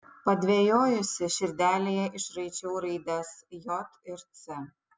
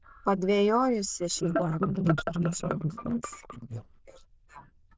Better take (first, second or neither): first